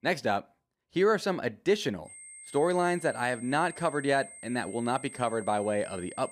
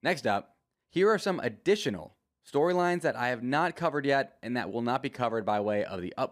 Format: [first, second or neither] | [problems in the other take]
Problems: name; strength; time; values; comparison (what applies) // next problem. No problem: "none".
second | high-pitched whine; noticeable; from 2 s on; 8.5 kHz, 15 dB below the speech